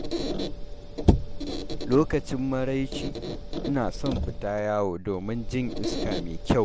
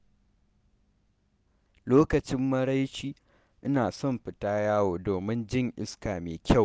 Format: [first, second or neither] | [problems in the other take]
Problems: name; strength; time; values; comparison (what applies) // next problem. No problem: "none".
second | background sound (Squeak); 1 dB below the speech